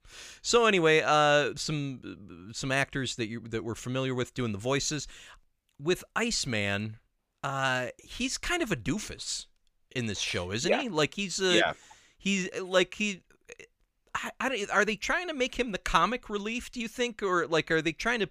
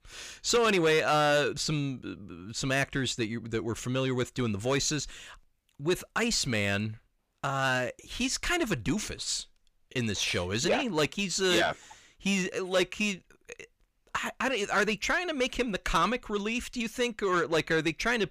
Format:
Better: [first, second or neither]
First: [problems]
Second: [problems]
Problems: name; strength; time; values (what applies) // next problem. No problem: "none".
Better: first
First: none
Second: distortion; slight; 10 dB below the speech